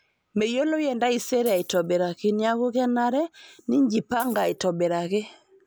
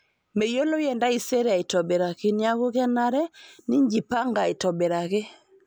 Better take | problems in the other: second | background sound (Coin (dropping)); 18 dB below the speech

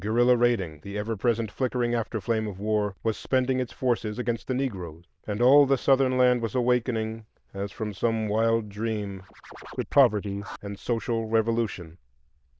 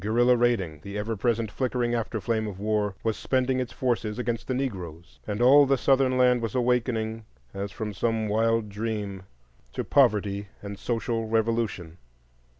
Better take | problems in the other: second | noise reduction (neural diffusion model UNIVERSE++)

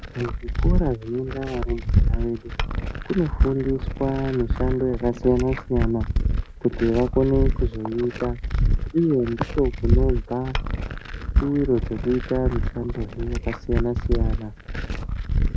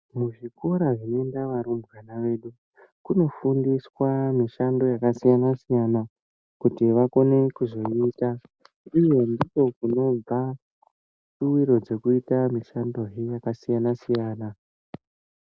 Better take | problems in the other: second | background sound (Glass); 1 dB above the speech

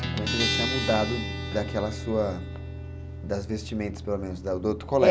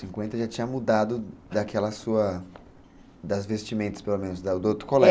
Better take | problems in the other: second | background sound (Guitar); 4 dB below the speech

